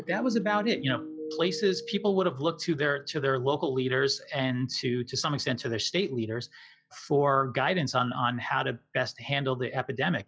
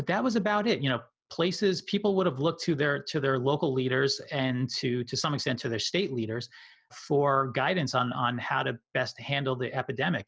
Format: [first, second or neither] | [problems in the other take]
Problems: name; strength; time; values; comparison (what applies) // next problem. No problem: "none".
second | noise reduction (classical method log-MMSE)